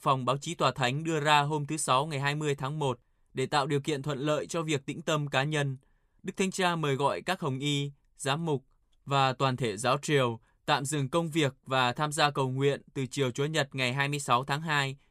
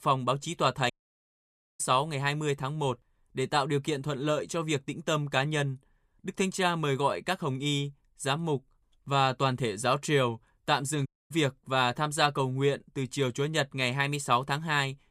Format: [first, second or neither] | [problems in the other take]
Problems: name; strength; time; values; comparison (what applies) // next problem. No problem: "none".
first | audio cutting out; at 1 s for 1 s and at 11 s